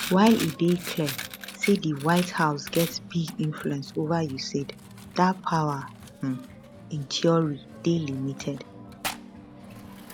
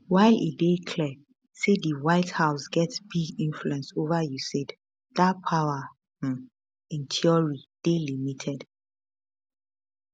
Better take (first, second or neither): second